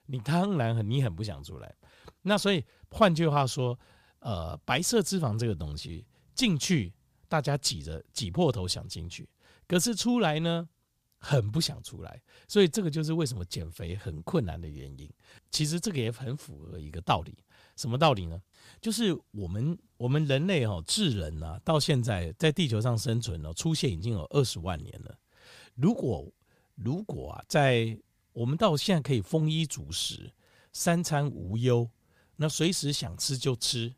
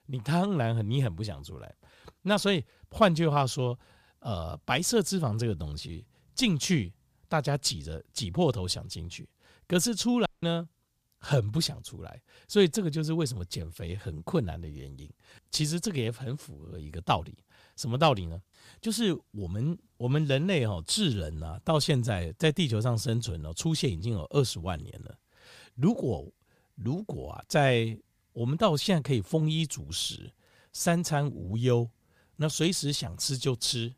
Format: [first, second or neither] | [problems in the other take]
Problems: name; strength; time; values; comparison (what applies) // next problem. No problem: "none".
first | audio cutting out; at 10 s